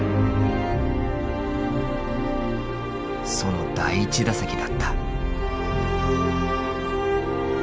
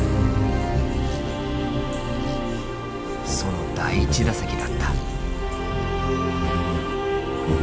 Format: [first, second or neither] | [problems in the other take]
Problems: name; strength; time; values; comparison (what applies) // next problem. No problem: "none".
first | background sound (Bird vocalization, bird call, bird song); 4 dB below the speech